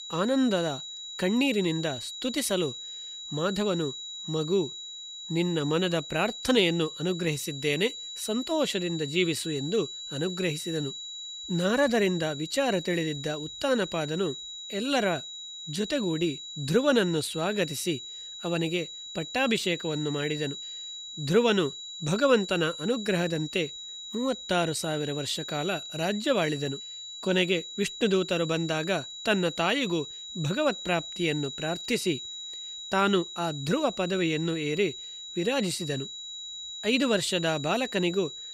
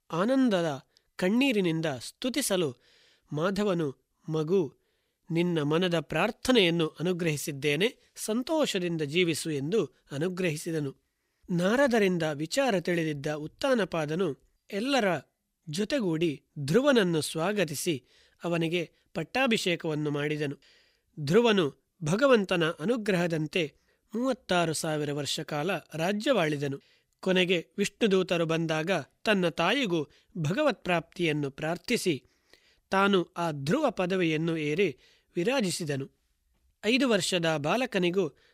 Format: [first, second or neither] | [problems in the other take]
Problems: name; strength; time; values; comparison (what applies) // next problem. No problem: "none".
second | high-pitched whine; loud; throughout; 4 kHz, 9 dB below the speech